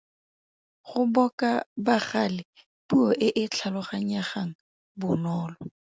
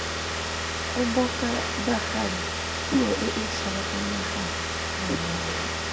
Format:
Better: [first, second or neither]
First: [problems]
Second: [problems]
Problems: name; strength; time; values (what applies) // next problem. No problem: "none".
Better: first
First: none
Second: background sound (Car); 1 dB above the speech // room echo; dies away in 1.3 s